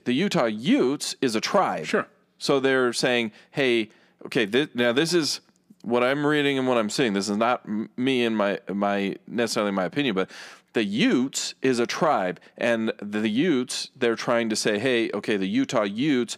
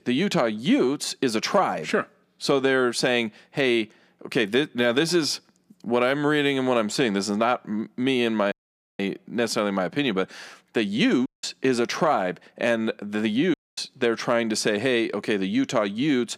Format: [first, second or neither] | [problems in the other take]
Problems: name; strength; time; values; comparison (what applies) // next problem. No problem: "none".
first | audio cutting out; at 8.5 s, at 11 s and at 14 s